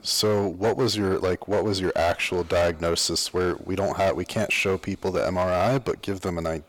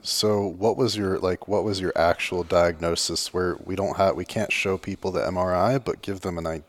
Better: second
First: distortion; slight; 8% of the sound clipped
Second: none

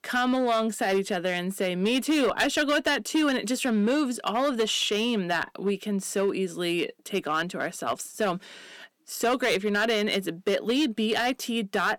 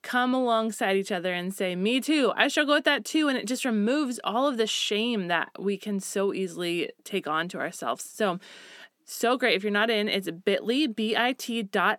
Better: second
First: distortion; slight; 6% of the sound clipped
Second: none

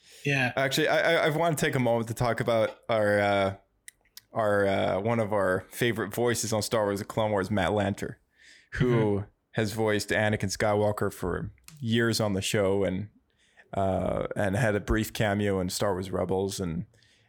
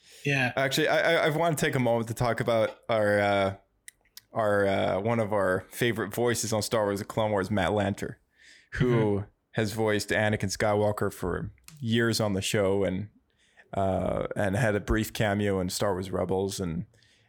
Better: neither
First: none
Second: none

